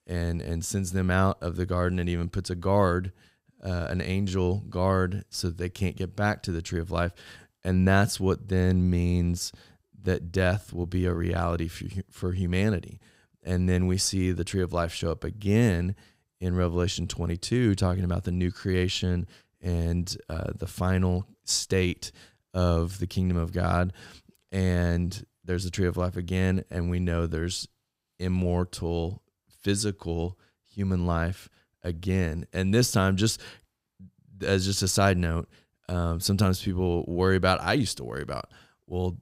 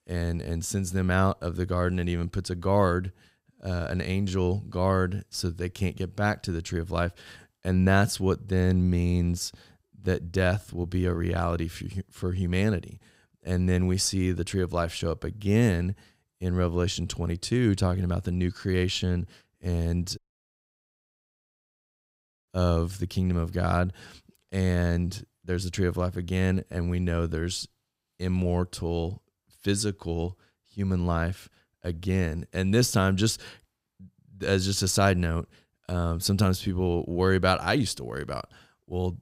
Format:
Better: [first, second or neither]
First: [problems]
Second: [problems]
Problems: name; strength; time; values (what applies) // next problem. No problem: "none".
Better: first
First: none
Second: audio cutting out; at 20 s for 2.5 s